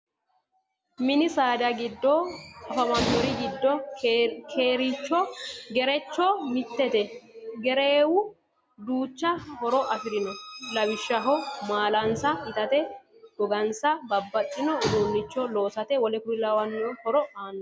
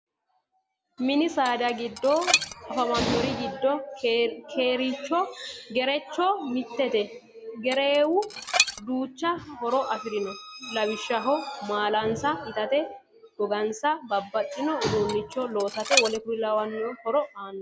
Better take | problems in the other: first | background sound (Dishes, pots, and pans); 3 dB below the speech

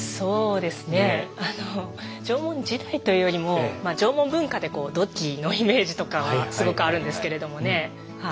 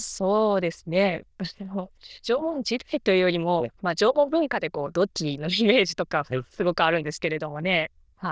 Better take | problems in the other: first | noise reduction (neural diffusion model UNIVERSE++)

